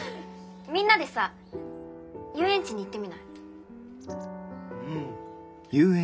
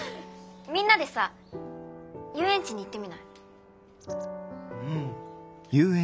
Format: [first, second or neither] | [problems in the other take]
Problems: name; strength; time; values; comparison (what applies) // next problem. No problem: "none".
second | background sound (Guitar); 18 dB below the speech // room echo; dies away in 0.3 s